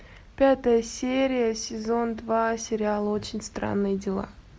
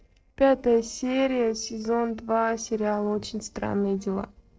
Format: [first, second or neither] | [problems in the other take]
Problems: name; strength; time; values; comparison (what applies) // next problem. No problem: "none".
first | noise reduction (neural separator model SepFormer DNS4)